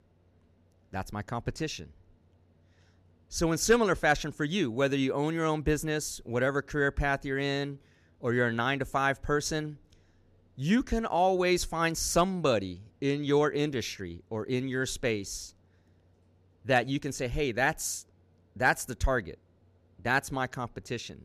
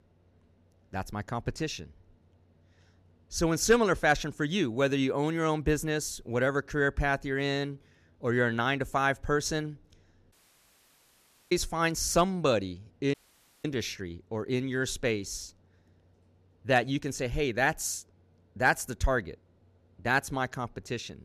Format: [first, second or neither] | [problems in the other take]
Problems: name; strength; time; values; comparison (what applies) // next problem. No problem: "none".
first | audio cutting out; at 10 s for 1 s and at 13 s for 0.5 s